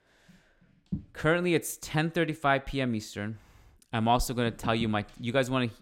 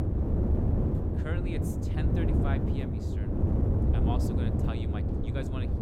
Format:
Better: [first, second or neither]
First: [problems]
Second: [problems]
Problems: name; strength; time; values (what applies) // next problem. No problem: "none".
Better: first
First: none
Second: wind noise on the microphone; heavy; 4 dB above the speech